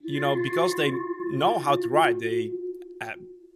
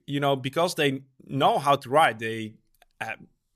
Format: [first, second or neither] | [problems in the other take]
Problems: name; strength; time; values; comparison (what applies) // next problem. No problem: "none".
second | alarm; noticeable; until 3 s; peak 1 dB below the speech